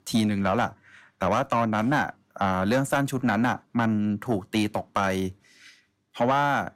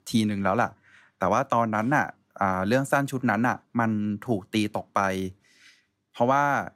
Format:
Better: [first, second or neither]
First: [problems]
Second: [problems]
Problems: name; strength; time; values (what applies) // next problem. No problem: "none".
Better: second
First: distortion; slight; 10 dB below the speech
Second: none